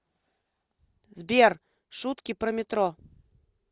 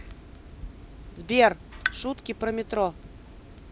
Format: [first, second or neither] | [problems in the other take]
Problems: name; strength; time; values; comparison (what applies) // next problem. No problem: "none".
first | background sound (Drip / Water tap, faucet); 11 dB below the speech